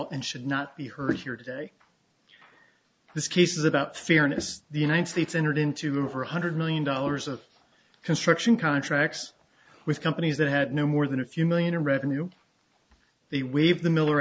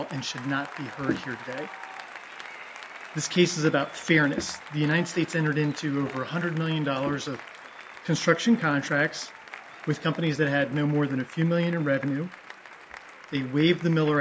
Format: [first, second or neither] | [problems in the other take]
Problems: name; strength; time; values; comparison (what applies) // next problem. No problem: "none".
first | background sound (Applause); 16 dB below the speech